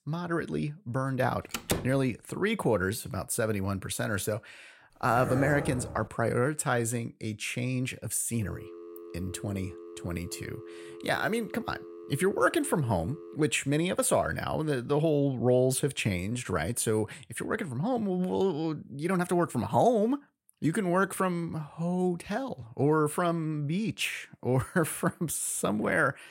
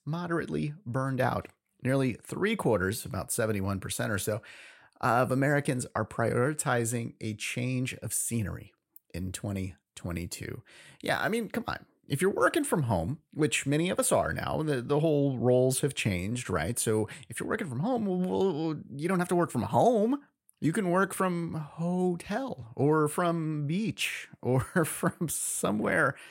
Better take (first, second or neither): second